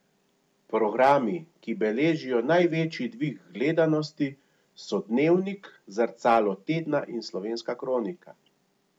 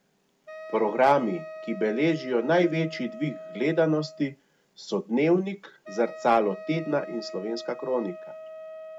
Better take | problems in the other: first | background sound (Wind instrument, woodwind instrument); 15 dB below the speech

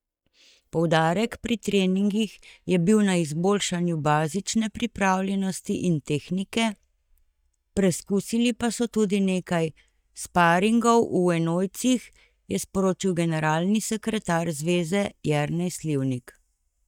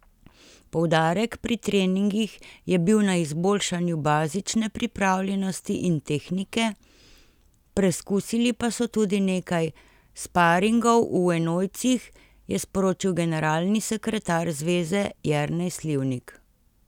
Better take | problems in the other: second | noise reduction (neural mask model DeepFilterNet 3)

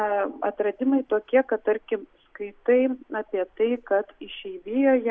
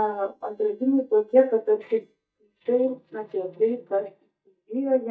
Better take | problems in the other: first | noise reduction (neural mask model DeepFilterNet 3)

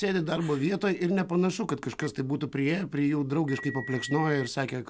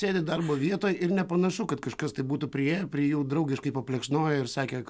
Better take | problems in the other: second | background sound (Telephone); 15 dB below the speech

